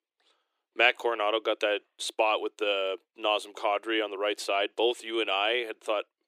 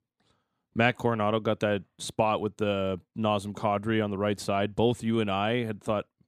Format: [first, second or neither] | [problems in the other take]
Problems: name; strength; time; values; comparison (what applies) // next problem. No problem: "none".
second | thin; very; fading below 350 Hz